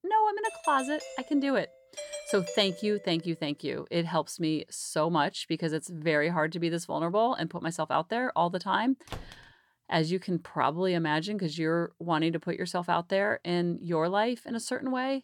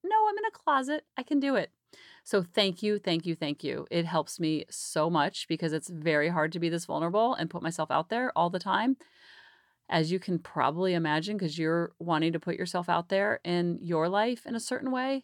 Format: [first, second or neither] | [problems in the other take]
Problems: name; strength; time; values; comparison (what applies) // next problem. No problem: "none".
second | doorbell; noticeable; until 3 s; peak 8 dB below the speech // door banging; faint; at 9 s; peak 15 dB below the speech